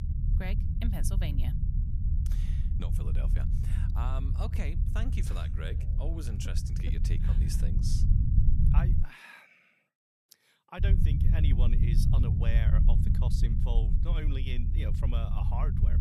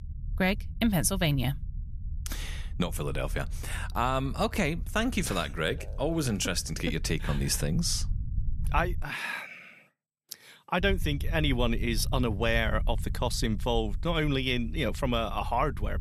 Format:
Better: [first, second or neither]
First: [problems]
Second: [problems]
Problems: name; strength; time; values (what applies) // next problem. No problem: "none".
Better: second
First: low rumble; loud; until 9 s and from 11 s on; 1 dB below the speech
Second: low rumble; faint; until 9 s and from 11 s on; 25 dB below the speech